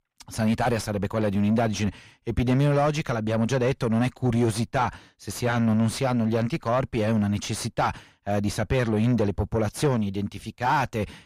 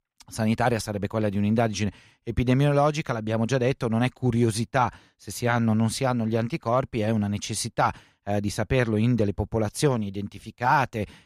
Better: second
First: distortion; slight; 9 dB below the speech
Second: none

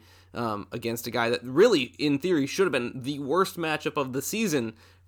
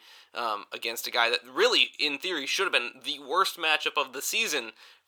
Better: first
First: none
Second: thin; very; fading below 700 Hz

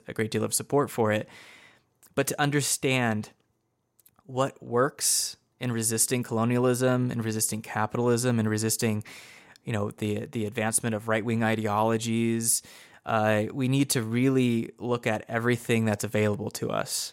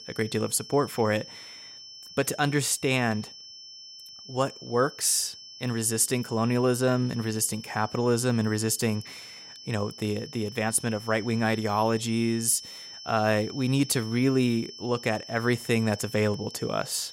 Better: first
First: none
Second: high-pitched whine; noticeable; throughout; 5.5 kHz, 15 dB below the speech

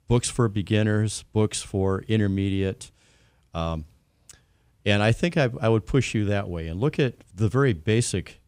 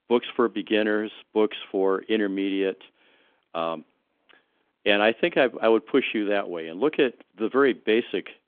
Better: first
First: none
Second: phone-call audio; nothing above 3.5 kHz

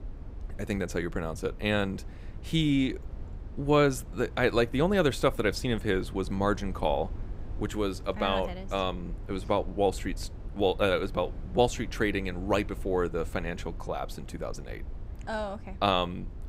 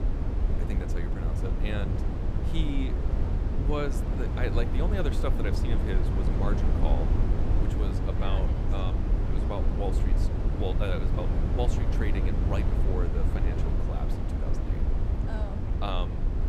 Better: first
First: low rumble; faint; throughout; 25 dB below the speech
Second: low rumble; loud; throughout; 1 dB below the speech

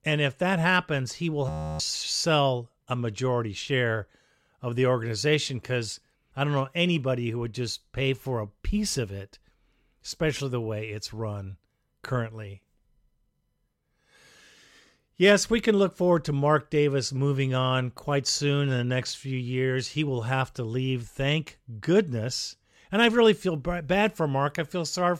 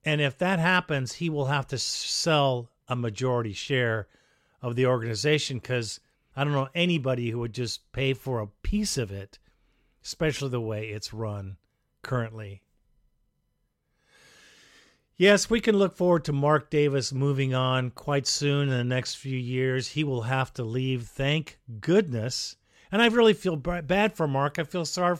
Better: second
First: audio freezing; at 1.5 s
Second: none

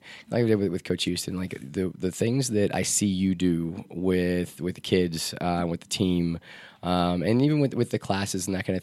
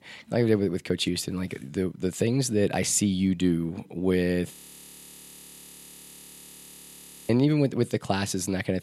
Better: first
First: none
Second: audio freezing; at 4.5 s for 3 s

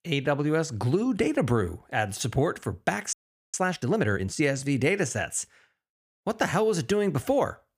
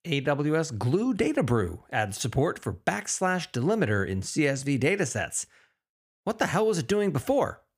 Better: second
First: audio freezing; at 3 s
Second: none

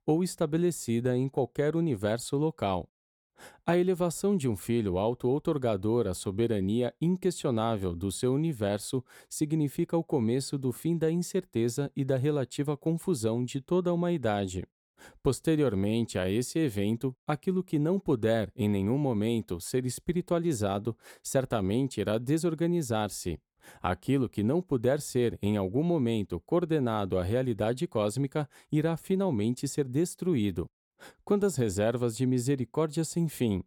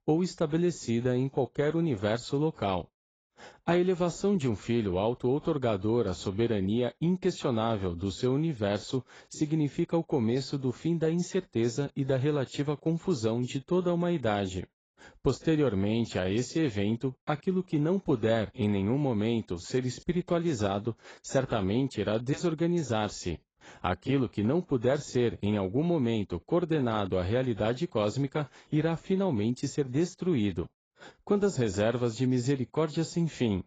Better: first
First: none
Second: garbled, watery; badly; nothing above 7.5 kHz

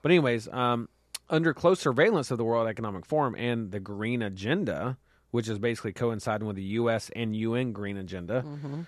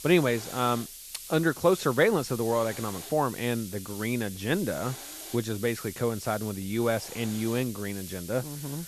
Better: first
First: none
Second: hiss; noticeable; throughout; 10 dB below the speech

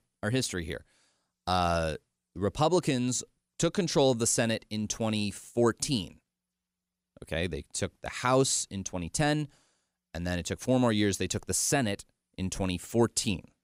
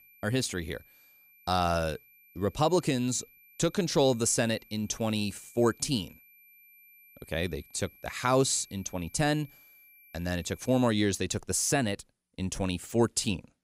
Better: first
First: none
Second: high-pitched whine; faint; until 11 s; 2.5 kHz, 25 dB below the speech

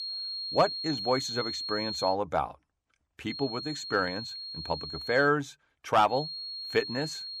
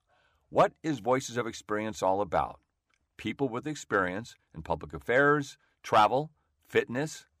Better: second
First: high-pitched whine; loud; until 2 s, from 3.5 to 5.5 s and from 6 s on; 4.5 kHz, 5 dB below the speech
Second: none

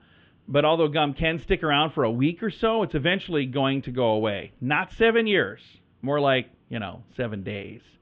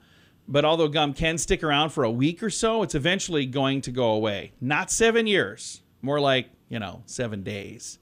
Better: second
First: muffled; very slightly; fading above 3 kHz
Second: none

